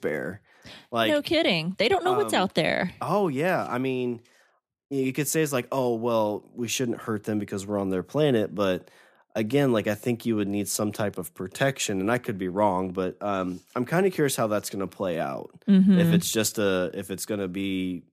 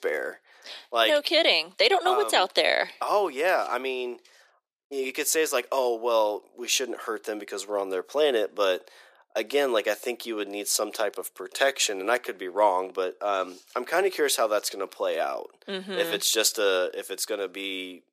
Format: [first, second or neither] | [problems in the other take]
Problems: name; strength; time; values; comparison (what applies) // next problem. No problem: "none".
first | thin; very; fading below 400 Hz